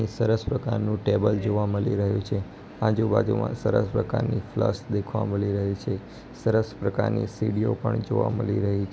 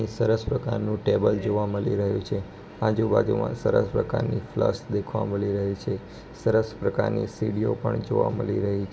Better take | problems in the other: first | room echo; dies away in 0.2 s

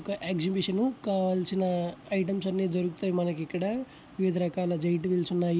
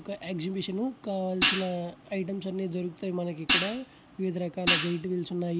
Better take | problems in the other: first | background sound (Hi-hat); 1 dB above the speech

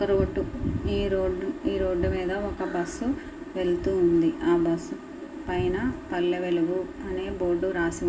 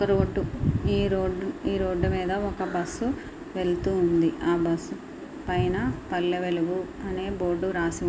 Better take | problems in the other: second | room echo; dies away in 0.2 s

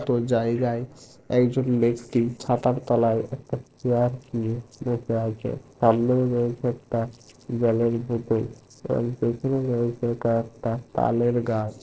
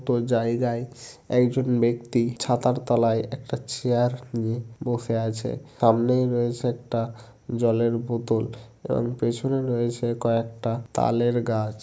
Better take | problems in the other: second | noise reduction (neural separator model SepFormer DNS4)

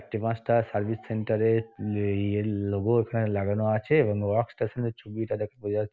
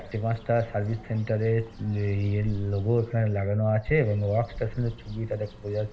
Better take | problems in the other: first | background sound (Bird); 16 dB below the speech // room echo; dies away in 1 s

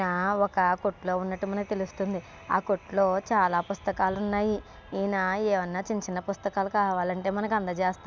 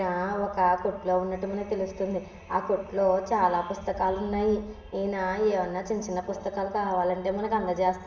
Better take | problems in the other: first | background sound (Brass instrument); 19 dB below the speech // room echo; dies away in 0.8 s

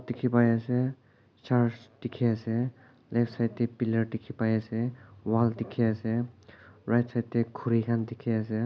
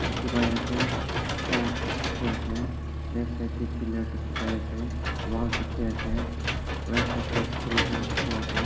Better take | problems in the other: first | background sound (Engine / Mechanisms); 3 dB above the speech // room echo; dies away in 2.8 s

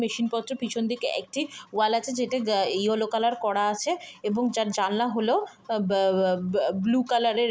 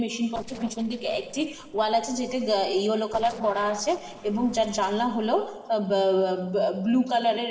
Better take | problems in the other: first | noise reduction (neural separator model SepFormer DNS4)

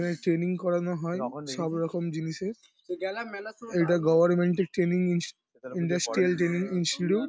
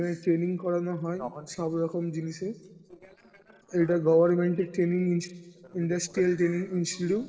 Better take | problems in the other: first | noise reduction (neural separator model SepFormer DNS4)

